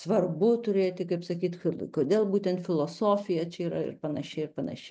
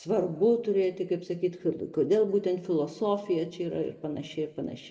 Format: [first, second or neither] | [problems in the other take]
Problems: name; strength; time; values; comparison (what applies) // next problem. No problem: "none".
first | room echo; dies away in 1.2 s